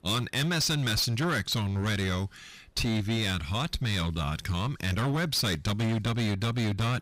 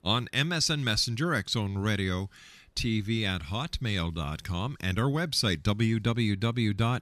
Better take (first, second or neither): second